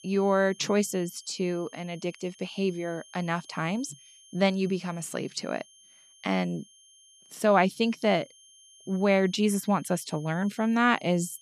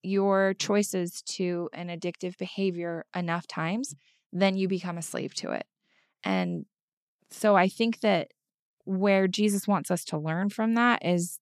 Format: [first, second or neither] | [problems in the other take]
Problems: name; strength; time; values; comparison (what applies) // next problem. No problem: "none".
second | high-pitched whine; faint; throughout; 3 kHz, 25 dB below the speech